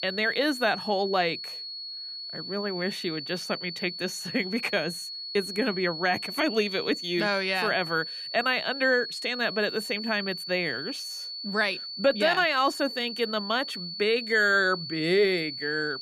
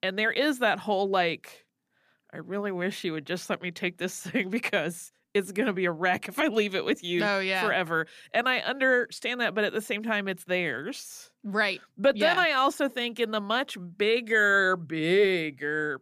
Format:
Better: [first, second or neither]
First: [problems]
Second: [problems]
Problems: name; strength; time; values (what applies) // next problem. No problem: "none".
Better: second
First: high-pitched whine; loud; throughout; 4.5 kHz, 7 dB below the speech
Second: none